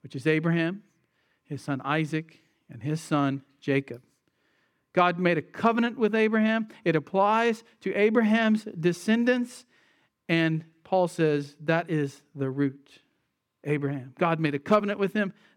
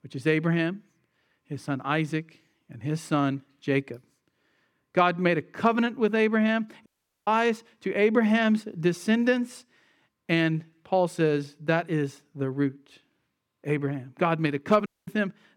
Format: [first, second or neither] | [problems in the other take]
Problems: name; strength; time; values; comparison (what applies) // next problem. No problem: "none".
first | audio cutting out; at 7 s and at 15 s